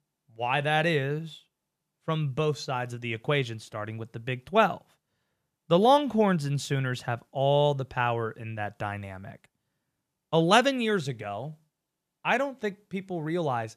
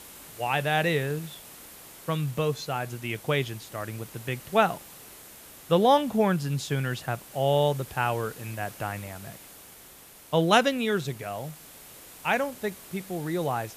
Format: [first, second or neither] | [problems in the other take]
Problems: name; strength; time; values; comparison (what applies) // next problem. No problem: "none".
first | hiss; noticeable; throughout; 20 dB below the speech